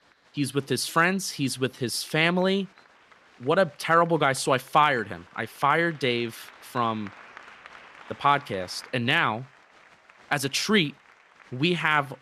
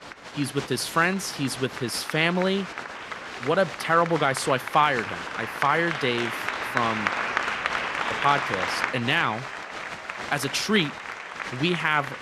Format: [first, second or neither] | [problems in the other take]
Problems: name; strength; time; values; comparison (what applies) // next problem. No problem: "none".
first | crowd noise; loud; throughout; 6 dB below the speech; faint in the first